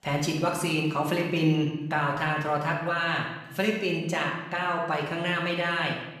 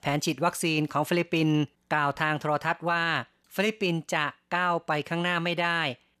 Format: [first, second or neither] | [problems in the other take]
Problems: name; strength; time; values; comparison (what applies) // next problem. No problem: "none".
second | room echo; noticeable; dies away in 1 s // off-mic speech; somewhat distant